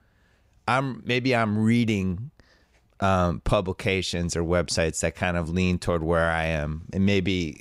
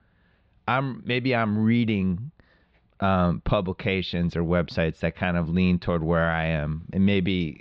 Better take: first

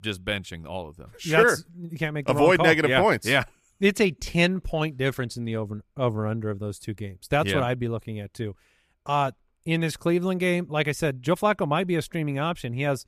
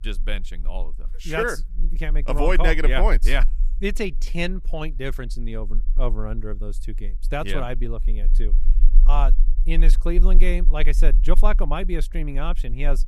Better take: first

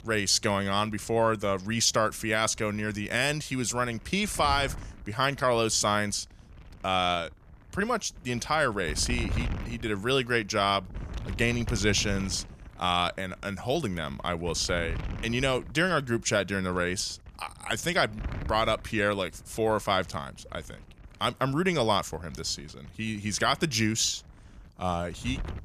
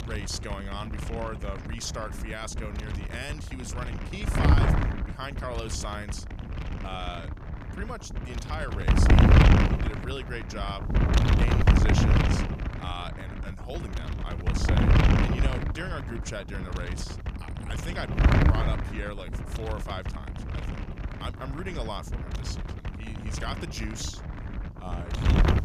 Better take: first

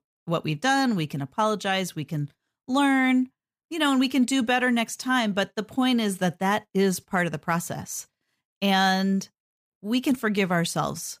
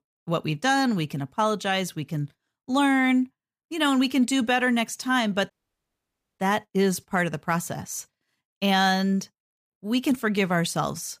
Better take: first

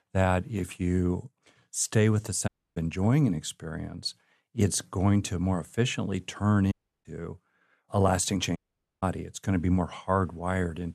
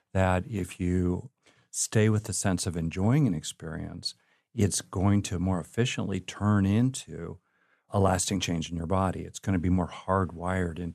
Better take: second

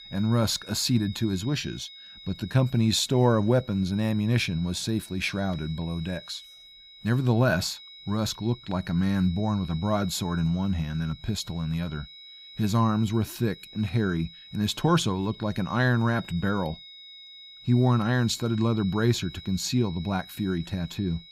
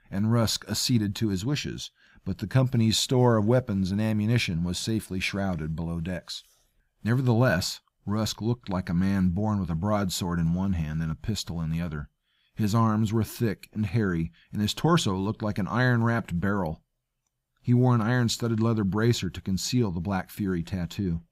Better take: second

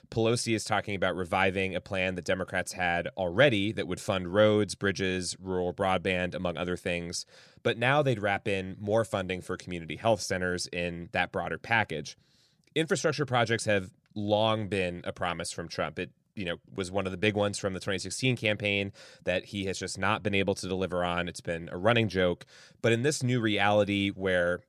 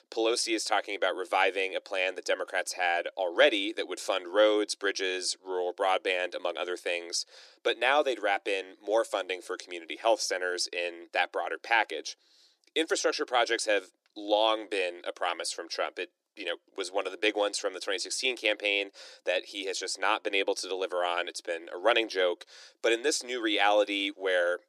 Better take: first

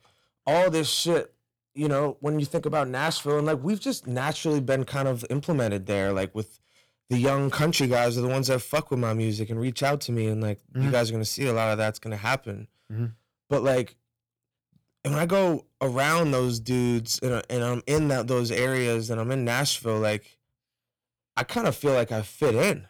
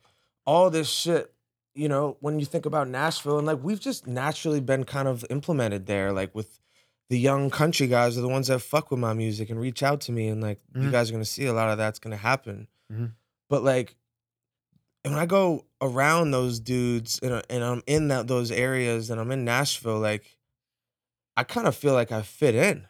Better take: second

